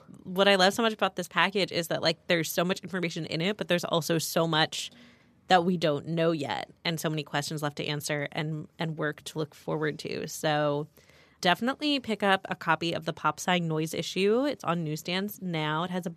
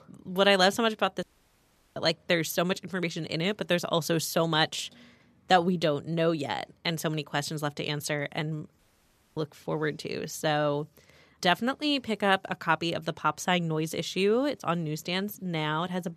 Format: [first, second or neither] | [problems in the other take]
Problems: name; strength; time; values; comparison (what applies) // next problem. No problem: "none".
first | audio cutting out; at 1 s for 0.5 s and at 9 s for 0.5 s